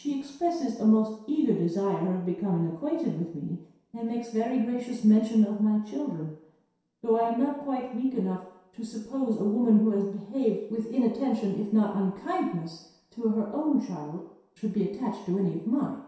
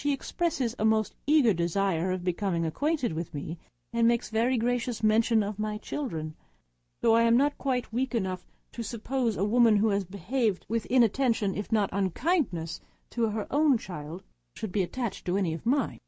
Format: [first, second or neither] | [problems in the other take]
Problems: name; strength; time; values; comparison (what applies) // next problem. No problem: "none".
second | room echo; dies away in 0.7 s